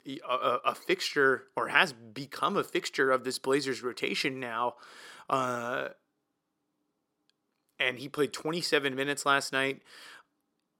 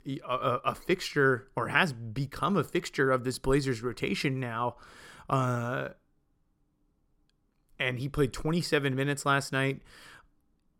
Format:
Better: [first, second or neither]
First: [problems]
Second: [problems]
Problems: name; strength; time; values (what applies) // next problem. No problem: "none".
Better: second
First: thin; somewhat; fading below 300 Hz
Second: none